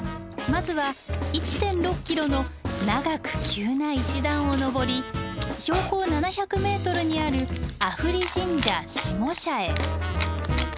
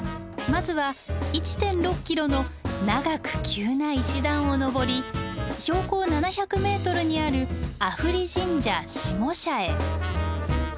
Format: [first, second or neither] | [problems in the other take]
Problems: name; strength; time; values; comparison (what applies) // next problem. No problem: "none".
second | background sound (Chewing, mastication); 14 dB below the speech